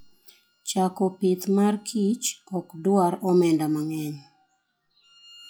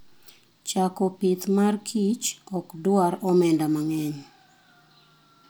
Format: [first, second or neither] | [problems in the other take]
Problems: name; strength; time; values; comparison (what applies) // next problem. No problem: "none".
second | noise reduction (classical method log-MMSE)